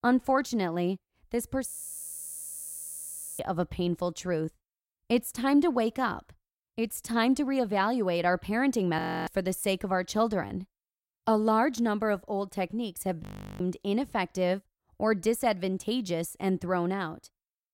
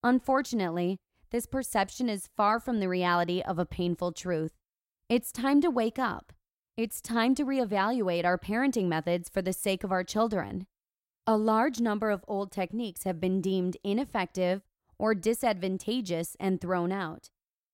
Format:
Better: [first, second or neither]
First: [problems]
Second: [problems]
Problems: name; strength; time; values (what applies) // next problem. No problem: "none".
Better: second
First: audio freezing; at 1.5 s for 1.5 s, at 9 s and at 13 s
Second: none